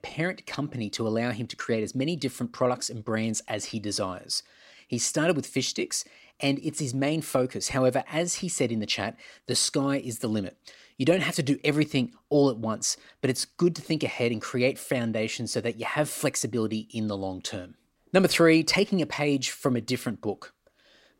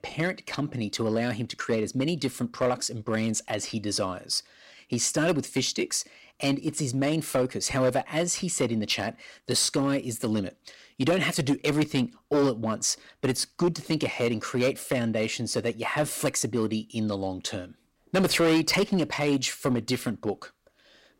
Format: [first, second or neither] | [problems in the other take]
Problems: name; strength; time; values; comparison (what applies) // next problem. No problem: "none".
first | distortion; slight; 4% of the sound clipped